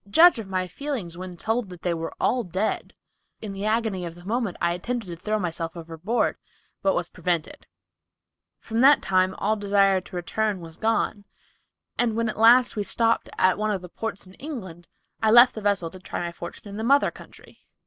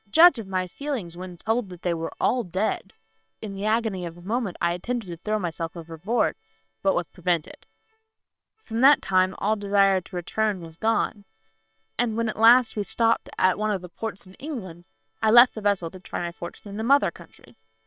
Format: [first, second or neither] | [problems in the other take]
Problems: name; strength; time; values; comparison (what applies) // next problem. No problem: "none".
first | noise reduction (neural separator model SepFormer WHAM!)